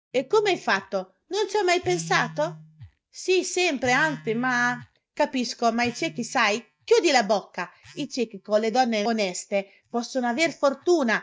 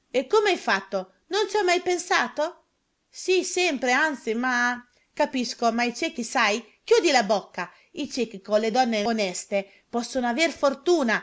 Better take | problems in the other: second | noise reduction (neural mask model DeepFilterNet 3)

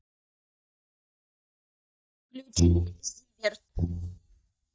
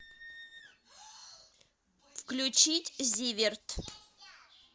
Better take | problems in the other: second | noise reduction (neural mask model DeepFilterNet 3)

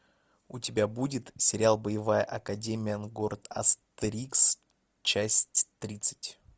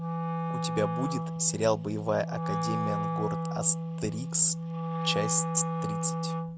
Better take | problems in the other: first | background sound (Wind instrument, woodwind instrument); as loud as the speech

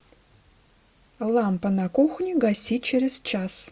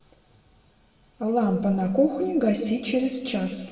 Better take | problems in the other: first | room echo; dies away in 1.5 s

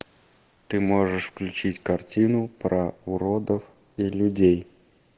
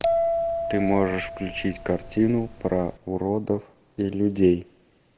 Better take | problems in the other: first | background sound (Bell); 3 dB below the speech

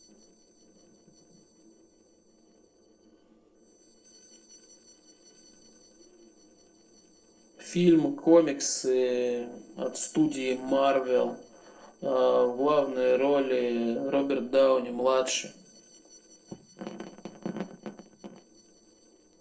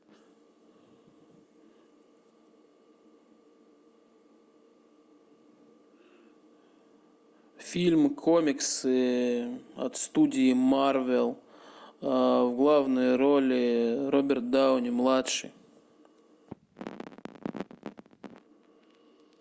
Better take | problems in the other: second | noise reduction (neural separator model SepFormer DNS4)

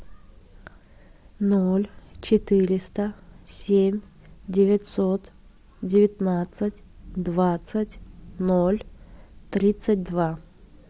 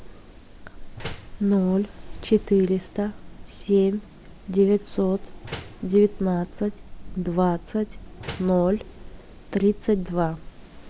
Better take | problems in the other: first | background sound (Slam + Wind); 14 dB below the speech

